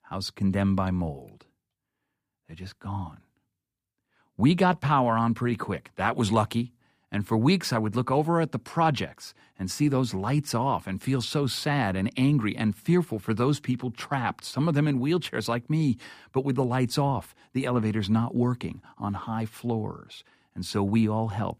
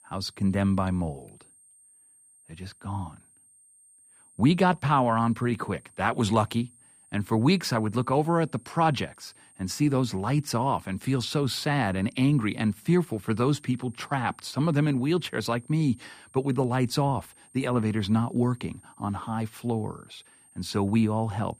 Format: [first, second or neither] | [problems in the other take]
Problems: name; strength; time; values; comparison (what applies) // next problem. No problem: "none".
first | high-pitched whine; faint; throughout; 8.5 kHz, 30 dB below the speech